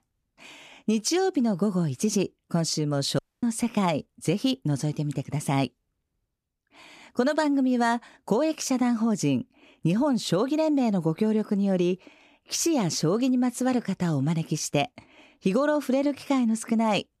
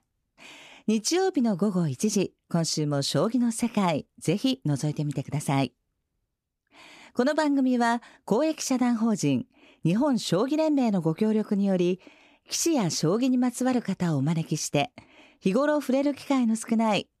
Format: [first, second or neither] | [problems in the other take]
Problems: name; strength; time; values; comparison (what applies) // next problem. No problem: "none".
second | audio cutting out; at 3 s